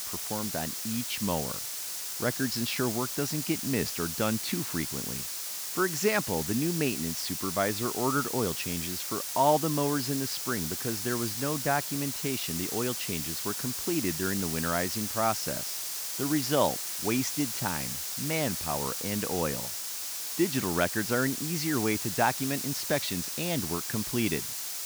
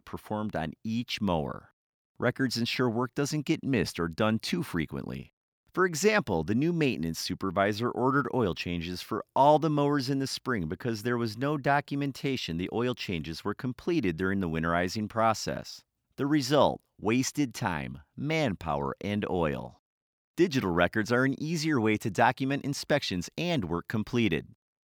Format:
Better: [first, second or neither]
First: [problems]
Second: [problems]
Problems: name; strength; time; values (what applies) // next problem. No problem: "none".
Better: second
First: hiss; loud; throughout; 1 dB below the speech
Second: none